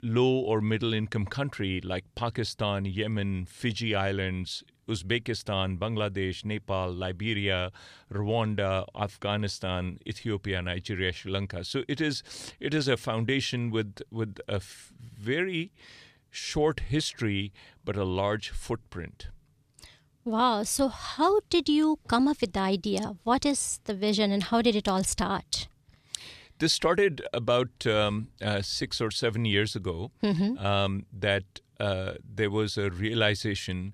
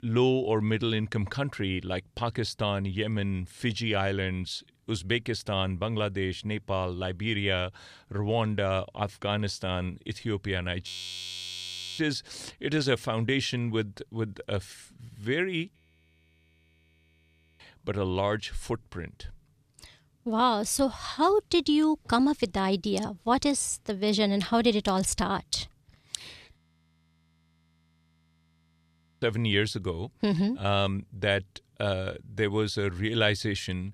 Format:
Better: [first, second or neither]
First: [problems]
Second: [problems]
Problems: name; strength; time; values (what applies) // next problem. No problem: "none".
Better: first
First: none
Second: audio freezing; at 11 s for 1 s, at 16 s for 2 s and at 27 s for 2.5 s